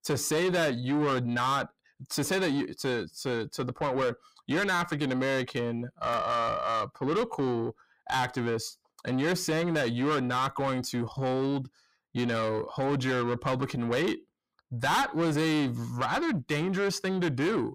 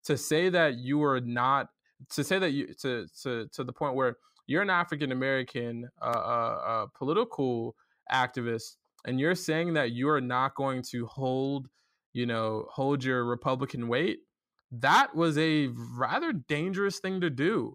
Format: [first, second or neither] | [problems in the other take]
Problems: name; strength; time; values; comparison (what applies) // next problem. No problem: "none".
second | distortion; heavy; 8 dB below the speech